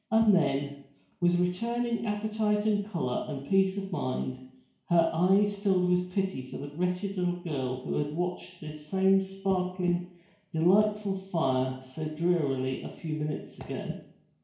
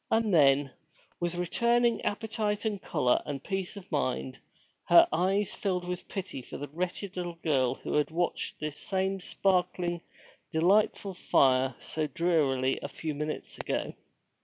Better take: second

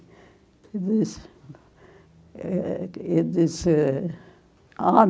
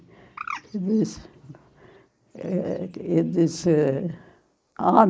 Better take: first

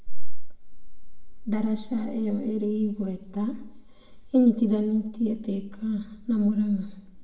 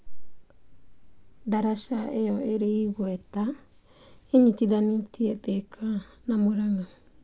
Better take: second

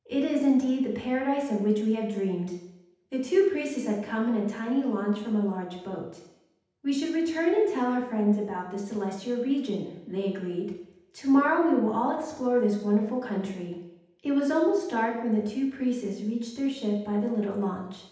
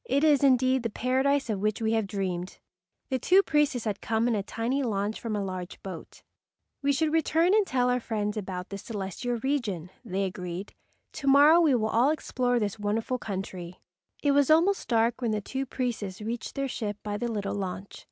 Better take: second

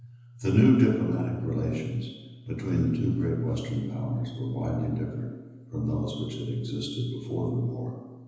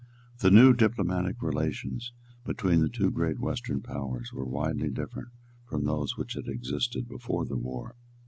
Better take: second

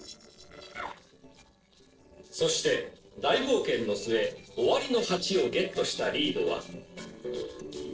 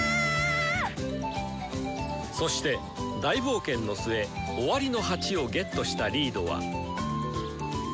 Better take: second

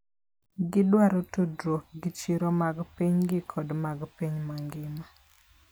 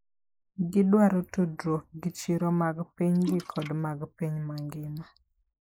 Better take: first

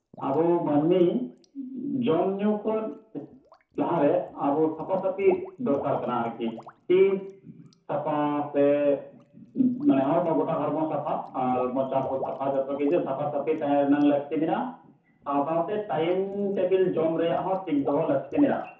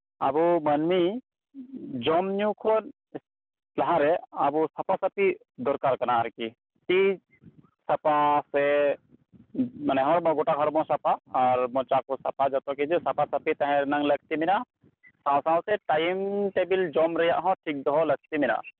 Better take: second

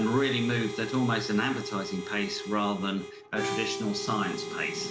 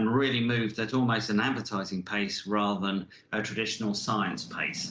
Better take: second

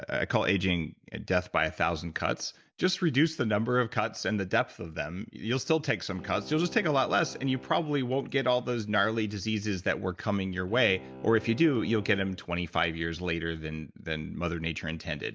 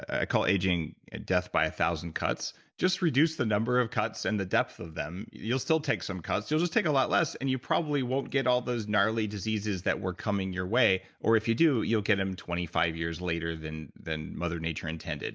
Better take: second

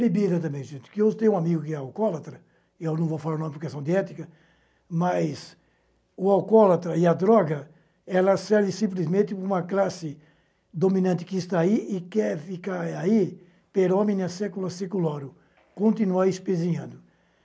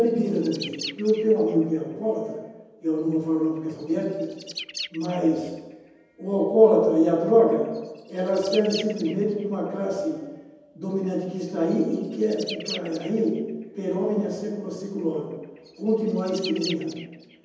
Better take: first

